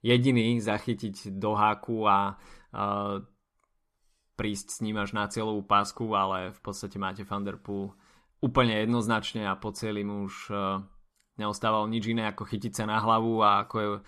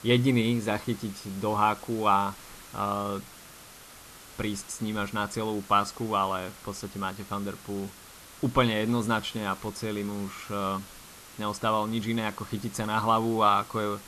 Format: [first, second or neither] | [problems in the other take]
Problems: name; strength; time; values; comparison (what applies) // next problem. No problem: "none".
first | hiss; noticeable; throughout; 15 dB below the speech